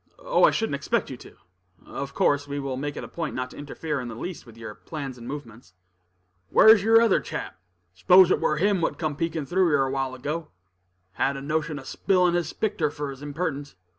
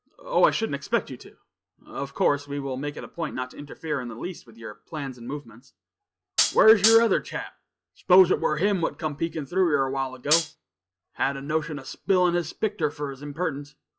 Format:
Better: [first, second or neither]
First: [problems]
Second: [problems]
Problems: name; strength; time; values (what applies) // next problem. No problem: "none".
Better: first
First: none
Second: noise reduction (classical method log-MMSE)